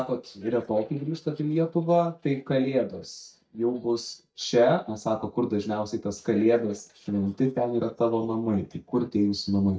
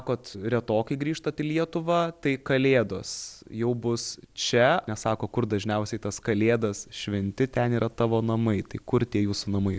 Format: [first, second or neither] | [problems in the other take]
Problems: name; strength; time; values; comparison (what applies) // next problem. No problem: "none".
second | noise reduction (neural mask model DeepFilterNet 3)